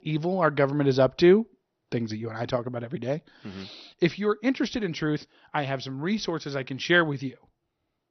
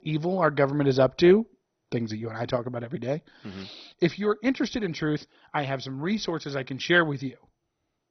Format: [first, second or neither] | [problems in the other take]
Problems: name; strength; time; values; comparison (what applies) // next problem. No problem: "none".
first | garbled, watery; badly; nothing above 6 kHz; slightly in the first